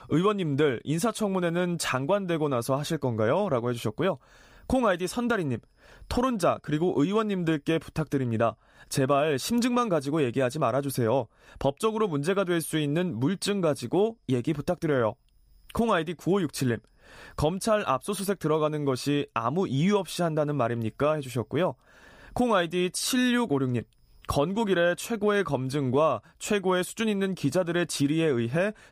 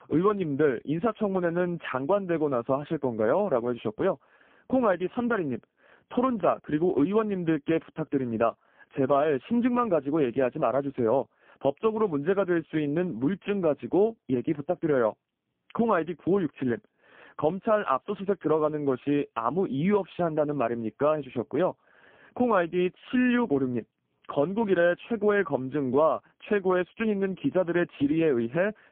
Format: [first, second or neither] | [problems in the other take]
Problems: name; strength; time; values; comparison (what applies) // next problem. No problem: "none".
first | phone-call audio; poor line; nothing above 3.5 kHz